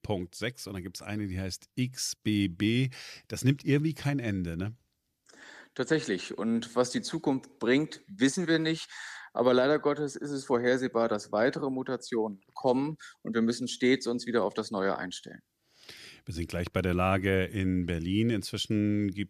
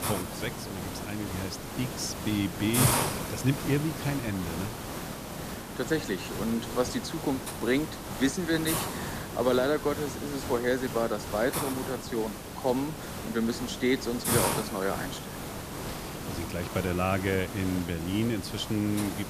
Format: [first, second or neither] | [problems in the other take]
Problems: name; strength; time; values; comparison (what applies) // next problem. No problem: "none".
first | hiss; loud; throughout; 3 dB below the speech